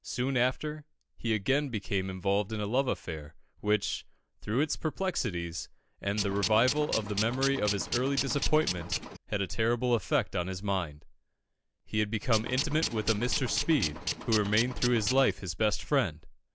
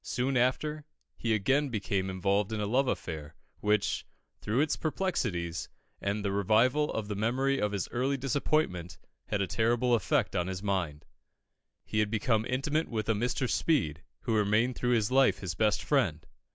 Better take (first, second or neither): second